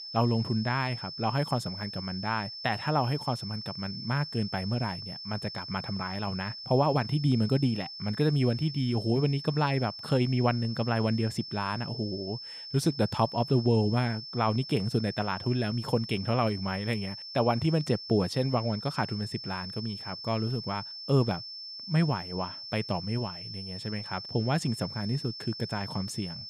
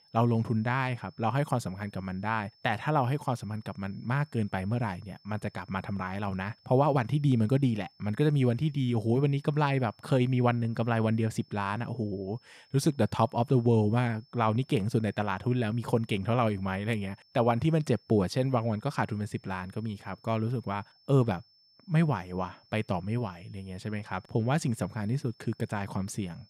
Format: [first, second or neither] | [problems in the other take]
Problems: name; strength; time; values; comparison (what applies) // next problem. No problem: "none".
second | high-pitched whine; loud; throughout; 5.5 kHz, 9 dB below the speech; faint in the second